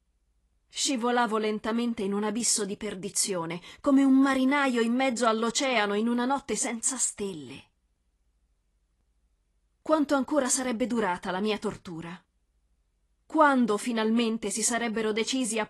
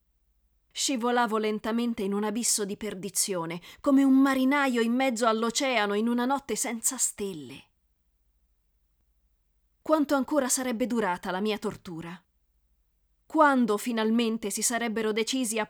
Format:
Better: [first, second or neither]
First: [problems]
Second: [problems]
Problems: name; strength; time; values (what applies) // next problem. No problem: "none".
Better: second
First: garbled, watery; slightly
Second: none